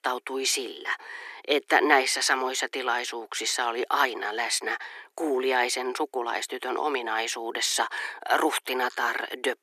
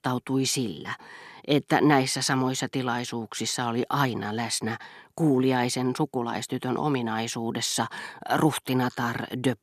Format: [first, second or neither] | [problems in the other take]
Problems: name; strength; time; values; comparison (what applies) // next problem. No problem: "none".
second | thin; very; fading below 350 Hz